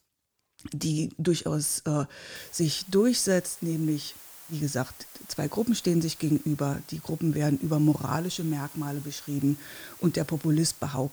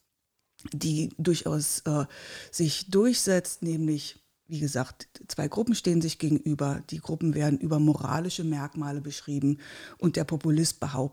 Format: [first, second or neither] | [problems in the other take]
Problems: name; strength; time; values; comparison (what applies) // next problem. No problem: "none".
second | hiss; noticeable; from 2.5 s on; 15 dB below the speech